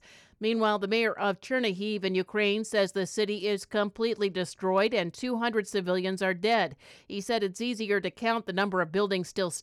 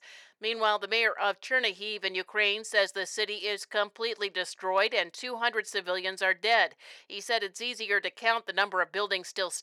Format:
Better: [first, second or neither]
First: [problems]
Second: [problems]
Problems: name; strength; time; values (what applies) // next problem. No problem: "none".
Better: first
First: none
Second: thin; very; fading below 650 Hz